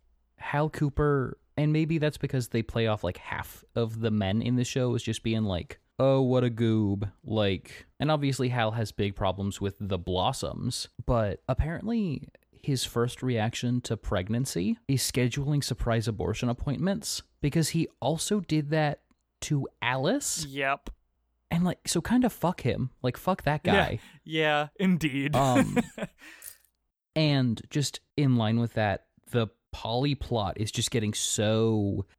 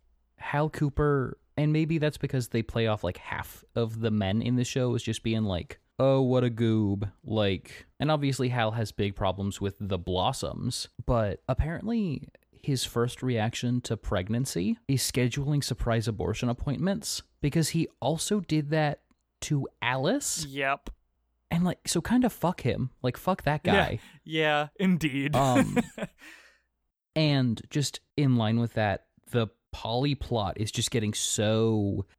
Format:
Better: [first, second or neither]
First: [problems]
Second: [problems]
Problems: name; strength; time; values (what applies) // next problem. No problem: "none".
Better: second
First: jangling keys; faint; at 26 s; peak 15 dB below the speech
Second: none